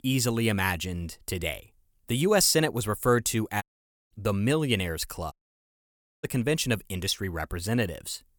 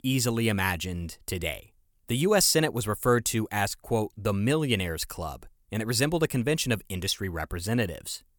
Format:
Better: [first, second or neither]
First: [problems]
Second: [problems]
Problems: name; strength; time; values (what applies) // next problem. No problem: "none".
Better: second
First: audio cutting out; at 3.5 s and at 5.5 s for 1 s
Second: none